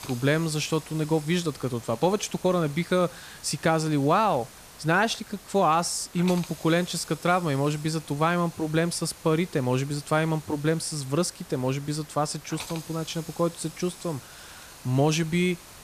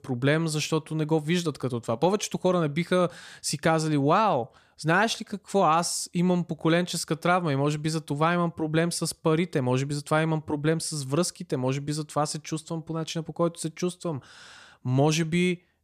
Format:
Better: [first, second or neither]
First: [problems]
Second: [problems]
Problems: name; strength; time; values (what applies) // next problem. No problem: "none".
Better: second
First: hiss; noticeable; throughout; 20 dB below the speech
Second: none